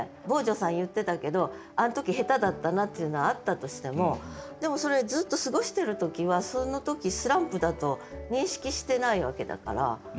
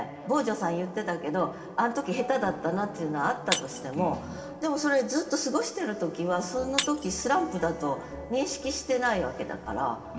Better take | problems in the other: first | background sound (Shatter); 11 dB below the speech // room echo; dies away in 2.2 s

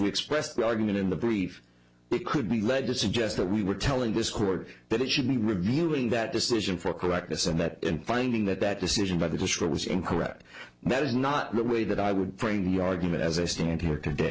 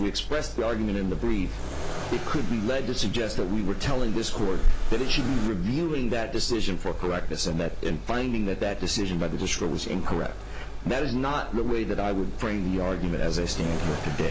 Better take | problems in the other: first | background sound (Accelerating, revving, vroom); as loud as the speech

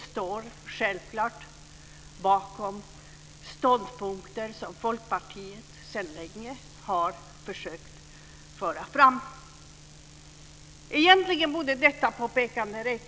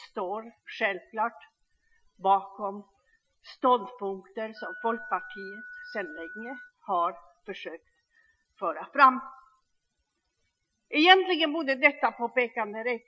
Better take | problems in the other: first | noise reduction (classical method Wiener filter)

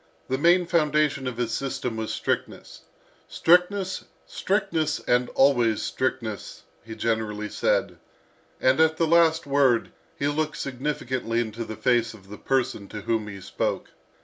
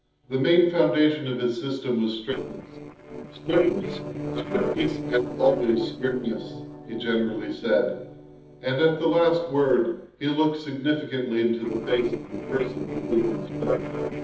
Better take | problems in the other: first | noise reduction (neural separator model SepFormer DNS4)

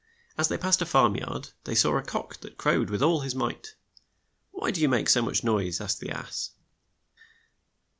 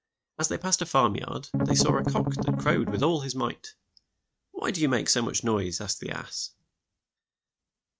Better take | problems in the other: first | noise reduction (neural mask model RNNoise)

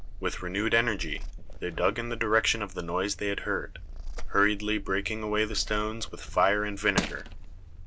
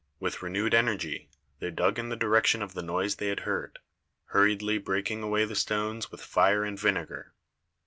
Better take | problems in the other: second | background sound (Crushing + Purr); 6 dB below the speech

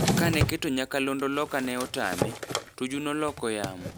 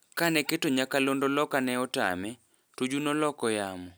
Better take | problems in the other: second | background sound (Drawer open or close); 2 dB below the speech

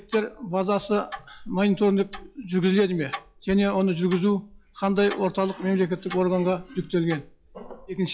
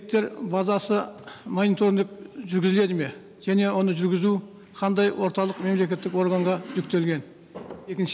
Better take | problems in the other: second | noise reduction (classical method log-MMSE)

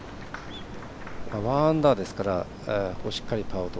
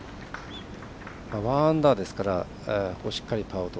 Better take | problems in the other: second | background sound (Waves, surf); 11 dB below the speech

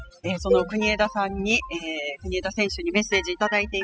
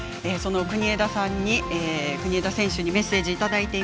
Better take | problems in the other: second | noise reduction (classical method spectral subtraction)

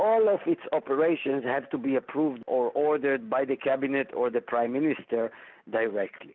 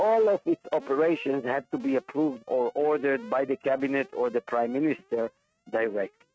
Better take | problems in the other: first | noise reduction (neural mask model RNNoise)

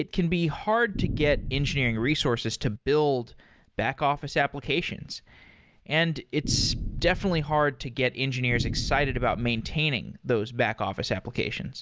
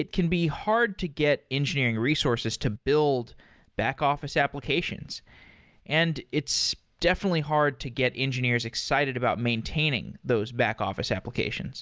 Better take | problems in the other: second | background sound (Boom); 6 dB below the speech

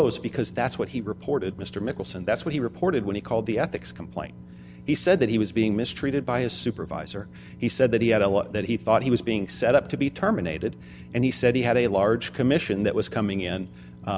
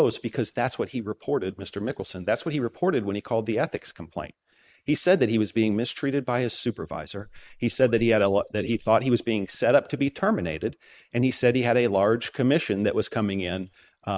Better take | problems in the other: first | noise reduction (neural mask model Resemble Enhance denoiser)

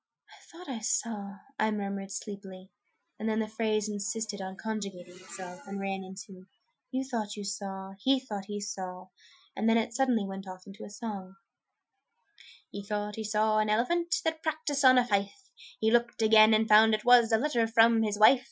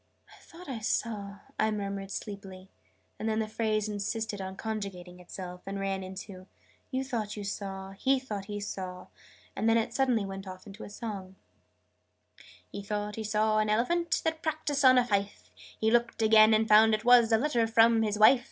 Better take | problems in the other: second | noise reduction (classical method Wiener filter)

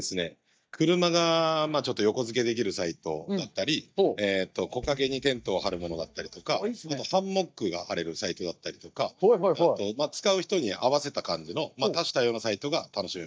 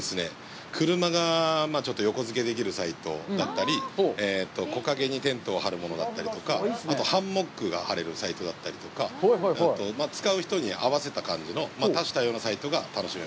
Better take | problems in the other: second | noise reduction (neural mask model DeepFilterNet 3)

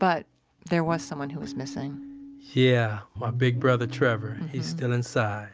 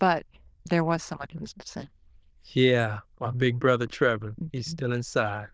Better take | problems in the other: first | noise reduction (neural diffusion model UNIVERSE++)

